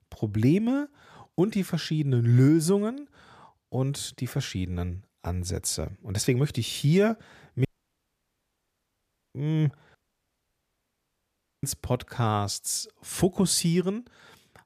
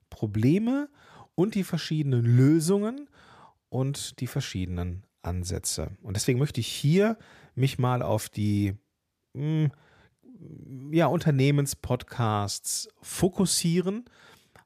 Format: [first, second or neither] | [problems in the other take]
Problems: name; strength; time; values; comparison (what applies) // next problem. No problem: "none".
second | audio cutting out; at 7.5 s for 1.5 s and at 10 s for 1.5 s